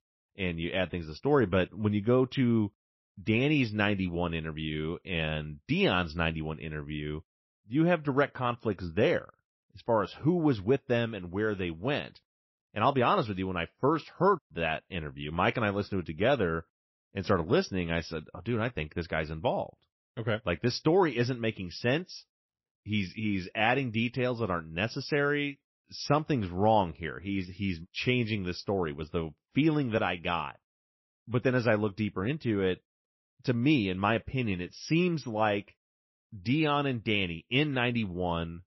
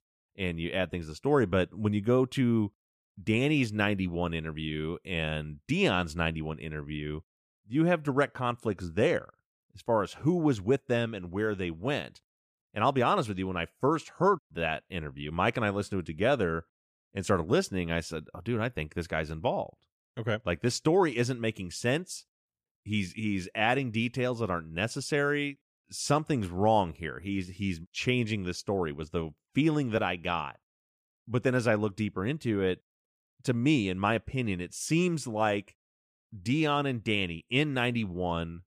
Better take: second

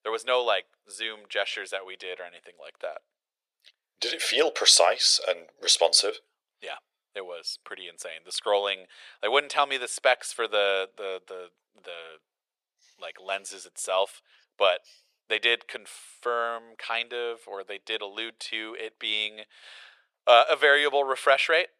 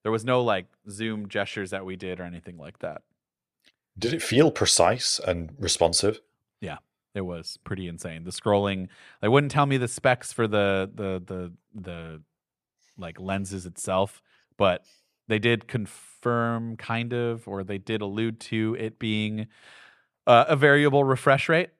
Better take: second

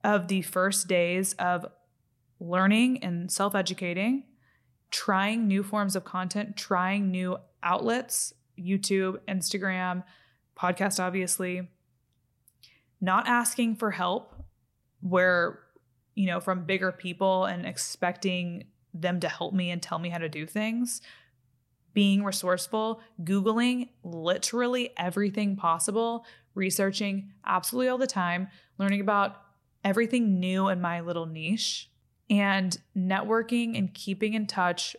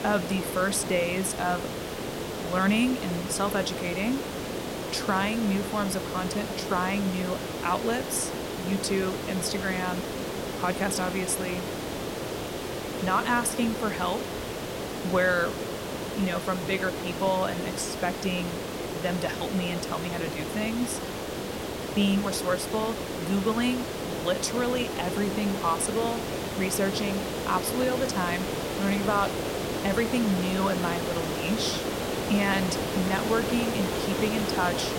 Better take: first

